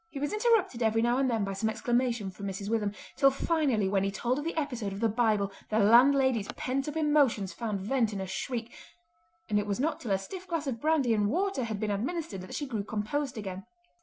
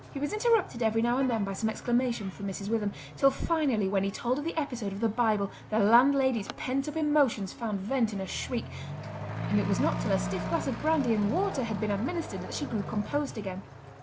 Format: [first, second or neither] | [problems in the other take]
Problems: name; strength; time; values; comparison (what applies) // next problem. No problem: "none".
first | background sound (Accelerating, revving, vroom / Truck); 10 dB below the speech